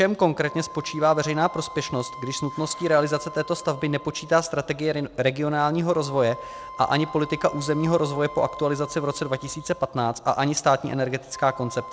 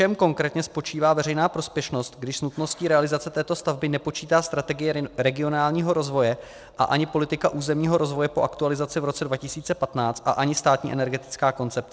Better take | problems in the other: second | background sound (Wind instrument, woodwind instrument); 16 dB below the speech

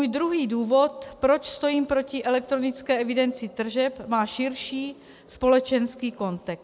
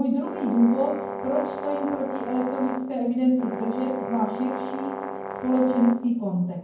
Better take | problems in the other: first | background sound (Brass instrument); 8 dB below the speech // room echo; dies away in 0.9 s

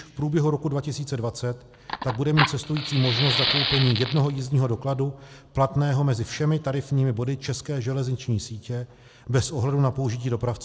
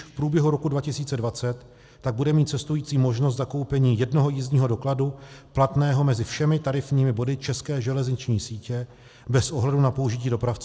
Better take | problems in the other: second | background sound (Fire); 4 dB below the speech

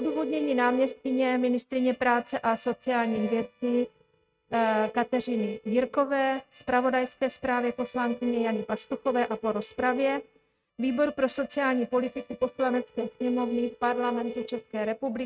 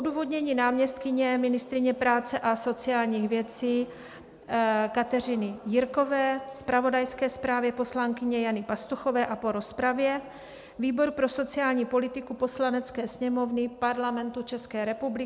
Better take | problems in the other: second | noise reduction (neural mask model RNNoise)

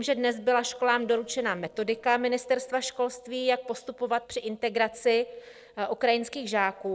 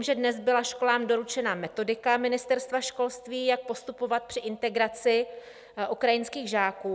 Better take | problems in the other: second | noise reduction (neural separator model SepFormer DNS4)

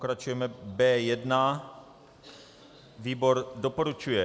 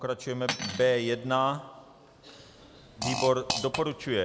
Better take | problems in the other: first | background sound (Fart + Cutlery, silverware); 8 dB below the speech

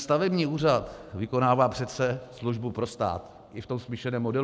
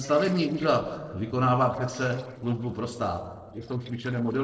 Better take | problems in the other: first | noise reduction (neural separator model SepFormer DNS4)

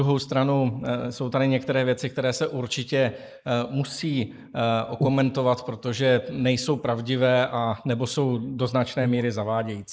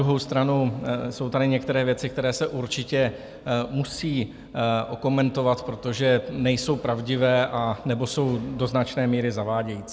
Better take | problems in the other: second | noise reduction (neural mask model Resemble Enhance denoiser)

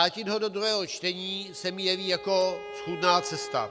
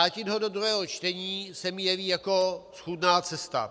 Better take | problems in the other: second | background sound (Bowed string instrument); 14 dB below the speech

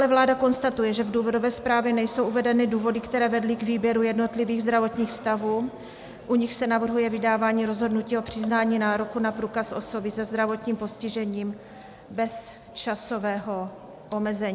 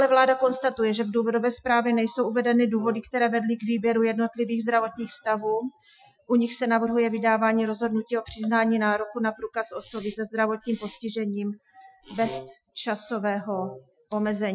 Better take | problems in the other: first | noise reduction (classical method Wiener filter)

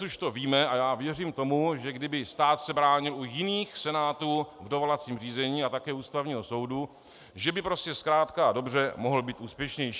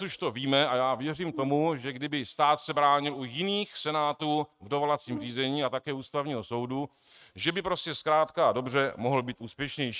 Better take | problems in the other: first | noise reduction (neural mask model RNNoise)

